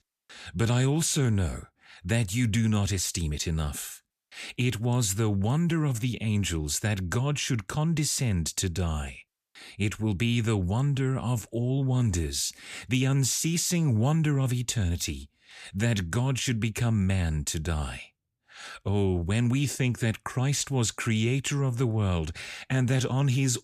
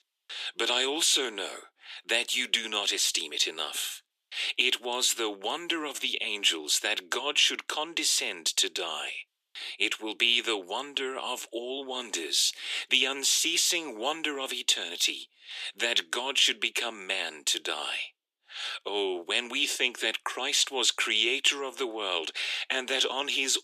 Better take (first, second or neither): first